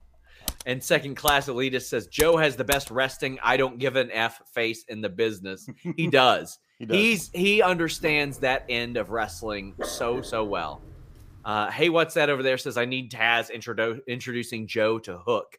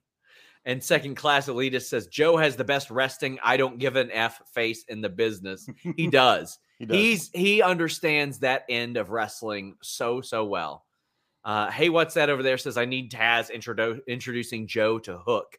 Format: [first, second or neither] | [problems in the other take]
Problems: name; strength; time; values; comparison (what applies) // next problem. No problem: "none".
second | keyboard typing; noticeable; until 3 s; peak 6 dB below the speech // dog barking; faint; from 7.5 to 11 s; peak 10 dB below the speech